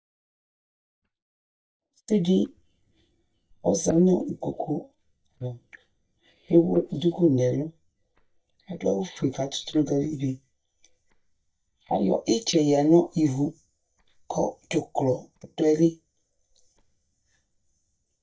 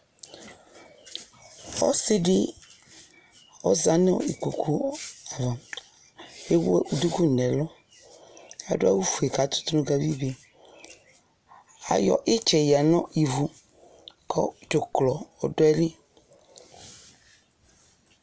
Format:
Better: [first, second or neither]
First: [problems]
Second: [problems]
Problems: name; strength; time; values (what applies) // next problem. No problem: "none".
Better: second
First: noise reduction (neural mask model DeepFilterNet 3)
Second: none